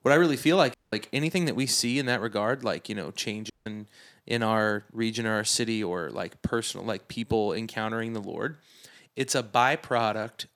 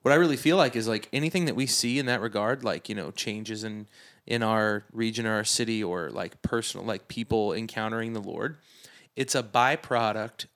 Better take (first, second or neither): second